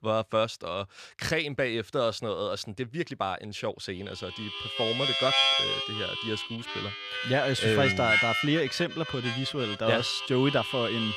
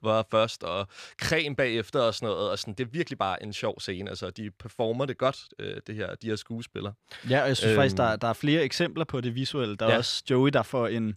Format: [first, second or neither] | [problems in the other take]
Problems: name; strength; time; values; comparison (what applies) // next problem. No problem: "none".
second | background music; very loud; from 4.5 s on; 1 dB above the speech